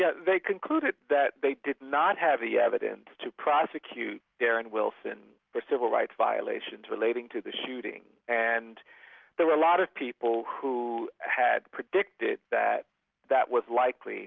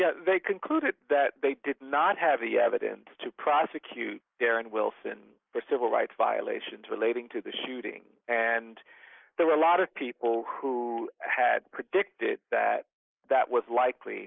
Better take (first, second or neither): first